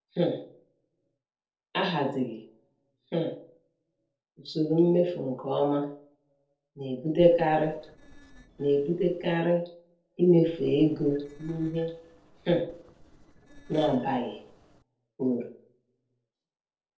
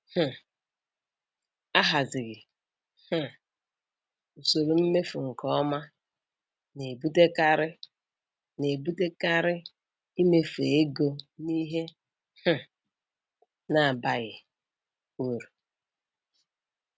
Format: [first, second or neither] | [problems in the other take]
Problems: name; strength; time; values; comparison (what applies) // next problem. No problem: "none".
second | noise reduction (neural separator model SepFormer DNS4)